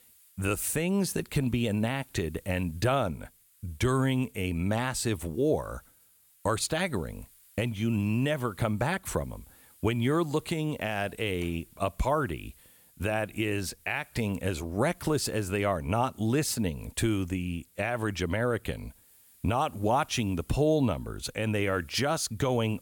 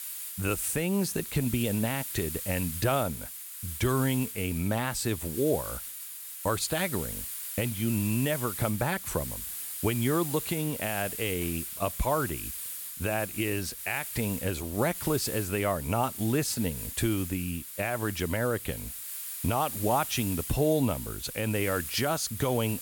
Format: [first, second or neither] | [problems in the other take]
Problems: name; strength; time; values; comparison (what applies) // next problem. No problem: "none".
first | hiss; loud; throughout; 6 dB below the speech; faint in the first